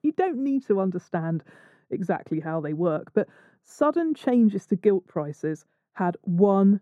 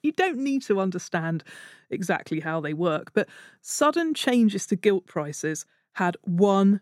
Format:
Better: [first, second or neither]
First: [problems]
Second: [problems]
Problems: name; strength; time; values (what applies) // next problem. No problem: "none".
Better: second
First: muffled; very; fading above 1.5 kHz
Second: none